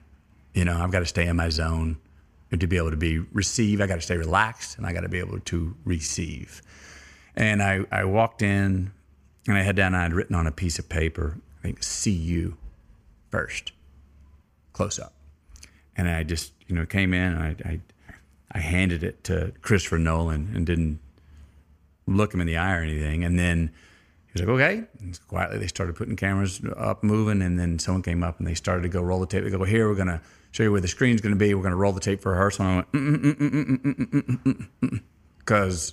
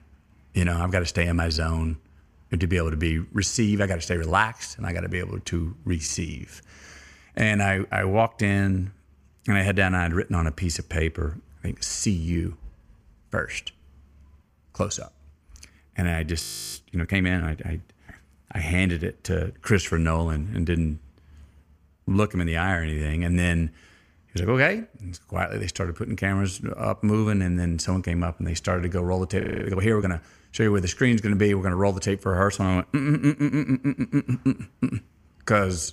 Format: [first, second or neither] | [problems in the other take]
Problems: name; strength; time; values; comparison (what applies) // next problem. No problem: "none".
first | audio freezing; at 16 s and at 29 s